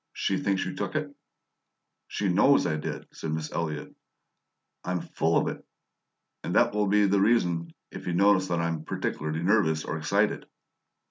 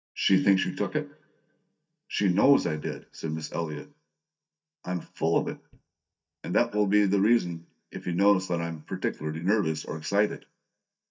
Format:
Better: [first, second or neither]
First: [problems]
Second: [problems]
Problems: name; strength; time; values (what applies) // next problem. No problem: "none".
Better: first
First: none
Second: noise reduction (neural mask model DeepFilterNet 3)